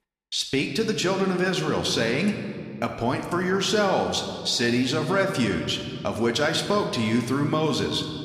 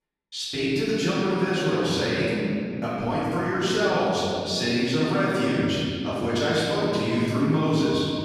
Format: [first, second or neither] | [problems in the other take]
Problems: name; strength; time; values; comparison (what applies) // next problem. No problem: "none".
first | room echo; strong; dies away in 2.9 s; slight in the first // off-mic speech; far